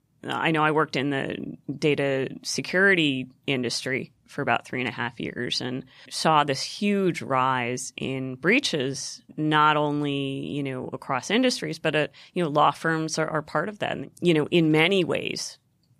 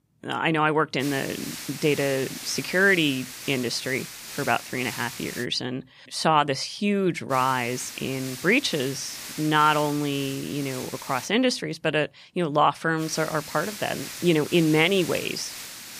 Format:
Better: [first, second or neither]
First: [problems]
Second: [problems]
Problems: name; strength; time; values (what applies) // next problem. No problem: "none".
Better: first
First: none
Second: hiss; noticeable; from 1 to 5.5 s, from 7.5 to 11 s and from 13 s on; 10 dB below the speech